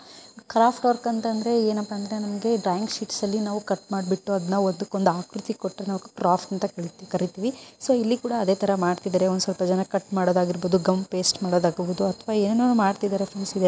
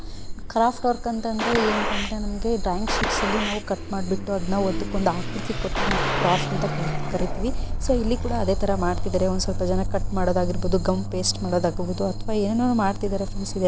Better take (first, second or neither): first